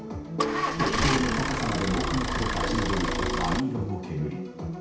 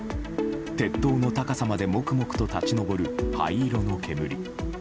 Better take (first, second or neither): second